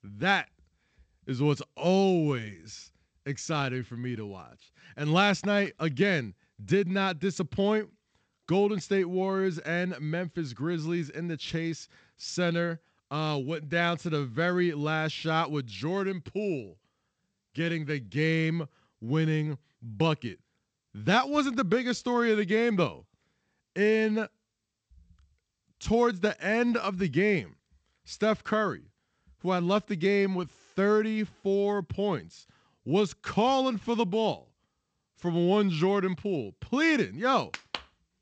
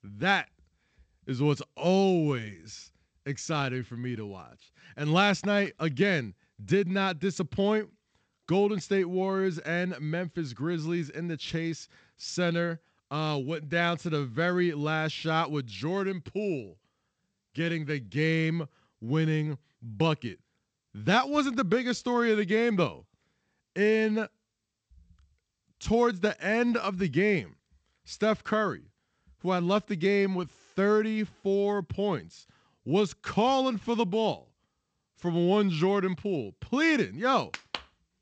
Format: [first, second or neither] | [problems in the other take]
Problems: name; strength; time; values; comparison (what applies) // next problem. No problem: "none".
neither | garbled, watery; slightly; nothing above 8 kHz; the same in both